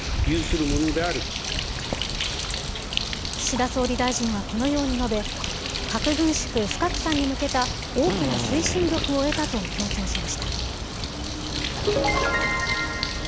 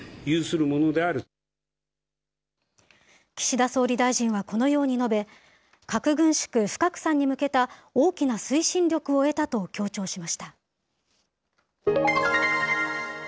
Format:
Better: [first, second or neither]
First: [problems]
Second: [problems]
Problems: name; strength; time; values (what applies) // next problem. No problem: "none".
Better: second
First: background sound (Bird + Drill); 1 dB below the speech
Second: none